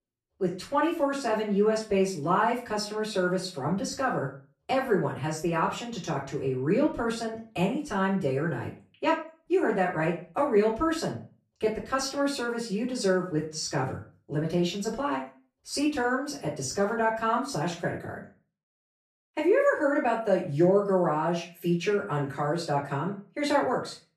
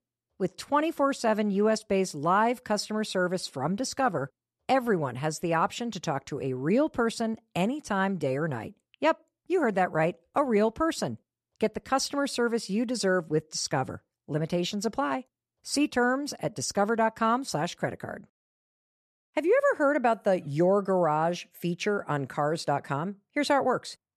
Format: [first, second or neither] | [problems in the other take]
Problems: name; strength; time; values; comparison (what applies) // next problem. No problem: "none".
second | off-mic speech; far // room echo; slight; dies away in 0.3 s